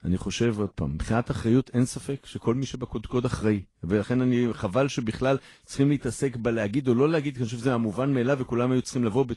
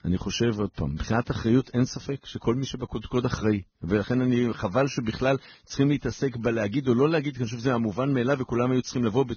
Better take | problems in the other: first | garbled, watery; badly; nothing above 6.5 kHz; slightly in the first

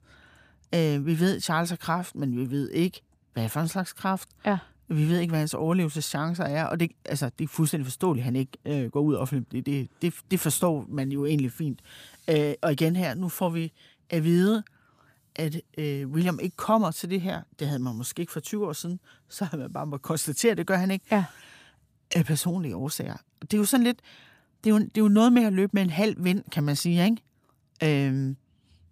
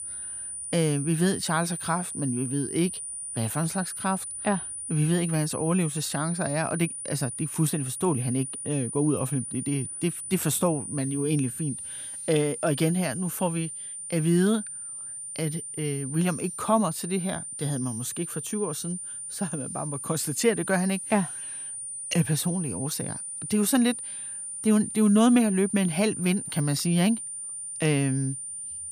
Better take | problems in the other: first | high-pitched whine; loud; throughout; 9 kHz, 6 dB below the speech

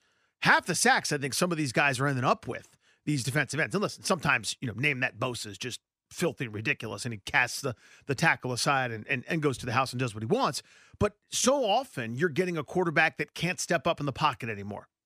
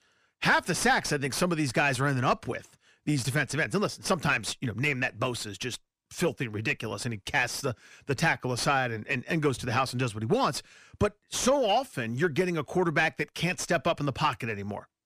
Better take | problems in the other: first | distortion; slight; 10 dB below the speech

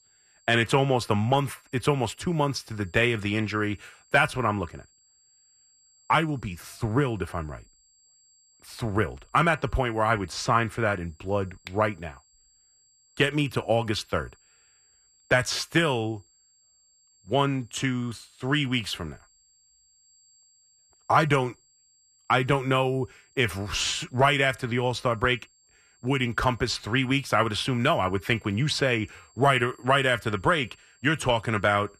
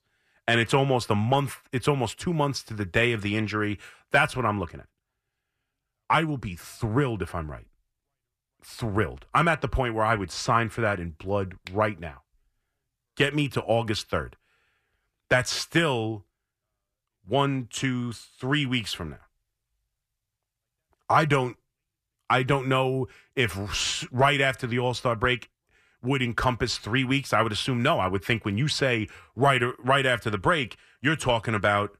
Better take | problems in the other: second | high-pitched whine; faint; throughout; 7.5 kHz, 35 dB below the speech

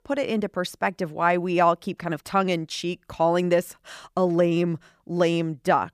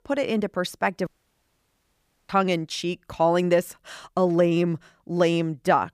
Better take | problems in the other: first | audio cutting out; at 1 s for 1 s

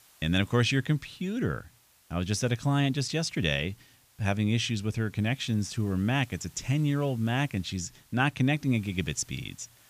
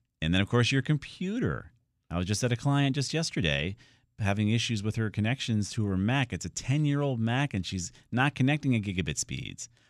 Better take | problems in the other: second | hiss; faint; throughout; 30 dB below the speech

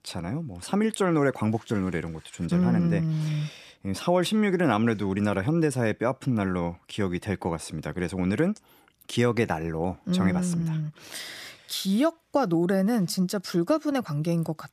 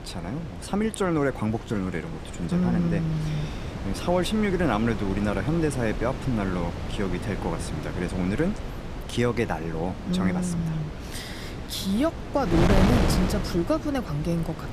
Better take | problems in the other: first | wind noise on the microphone; heavy; 6 dB below the speech

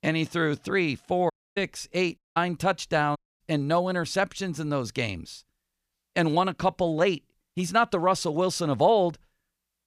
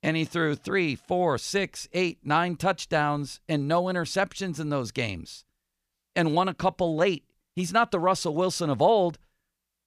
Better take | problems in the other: second | audio cutting out; at 1.5 s, at 2 s and at 3 s

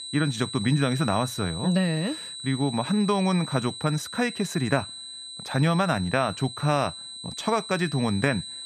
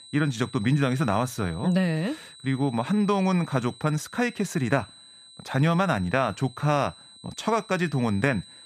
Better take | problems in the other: second | high-pitched whine; loud; throughout; 4 kHz, 10 dB below the speech; faint in the second

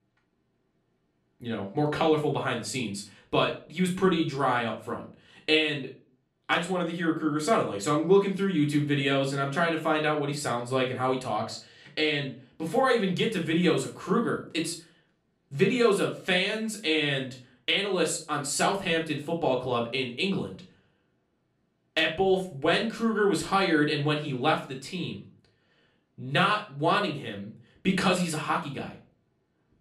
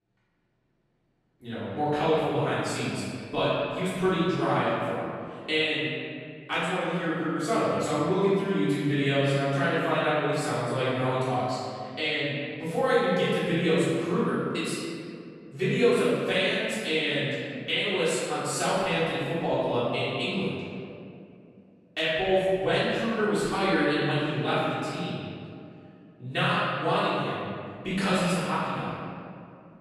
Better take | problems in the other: first | room echo; strong; dies away in 2.1 s; slight in the first // off-mic speech; far; far in the first

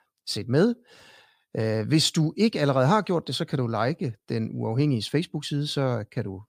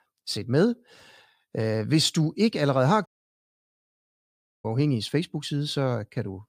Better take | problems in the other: first | audio cutting out; at 3 s for 1.5 s

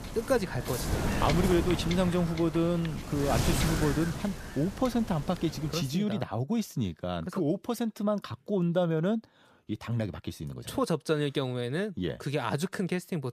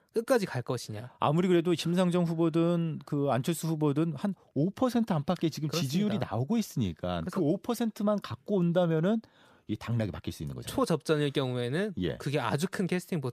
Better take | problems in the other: second | wind noise on the microphone; heavy; until 6 s; 4 dB below the speech

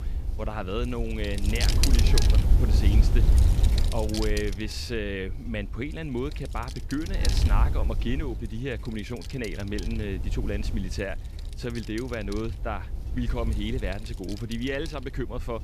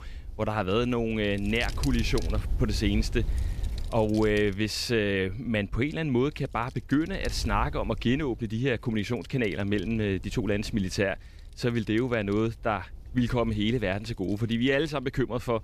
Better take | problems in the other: second | wind noise on the microphone; heavy; 3 dB below the speech; occasional gusts in the second

